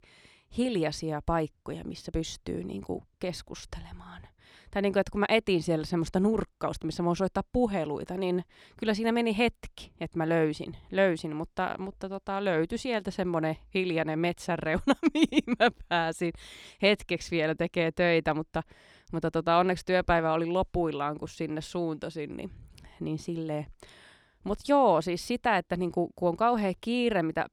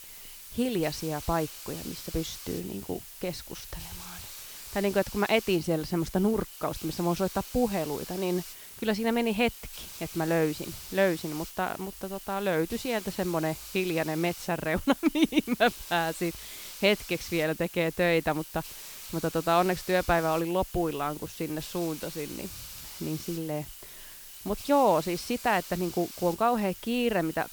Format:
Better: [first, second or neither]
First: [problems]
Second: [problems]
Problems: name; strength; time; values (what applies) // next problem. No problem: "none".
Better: first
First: none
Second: hiss; noticeable; throughout; 10 dB below the speech